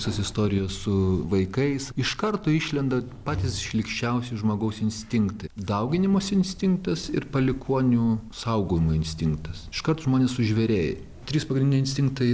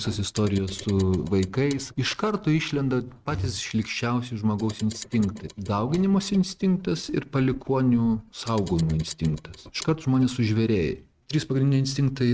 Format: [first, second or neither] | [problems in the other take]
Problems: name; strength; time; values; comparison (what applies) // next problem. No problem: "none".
first | noise reduction (neural mask model RNNoise)